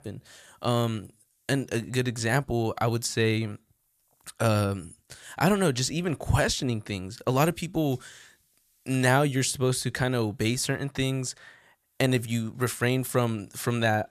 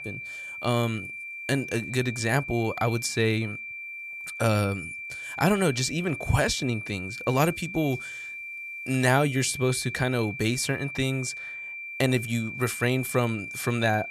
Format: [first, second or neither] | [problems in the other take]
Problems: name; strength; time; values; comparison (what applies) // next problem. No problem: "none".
first | high-pitched whine; loud; throughout; 2.5 kHz, 8 dB below the speech